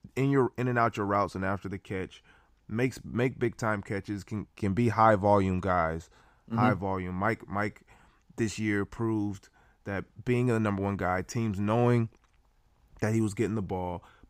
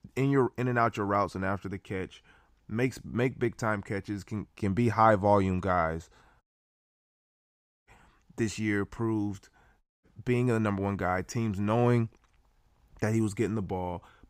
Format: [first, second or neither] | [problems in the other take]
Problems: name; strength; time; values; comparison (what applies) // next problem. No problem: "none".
first | audio cutting out; at 6.5 s for 1.5 s and at 10 s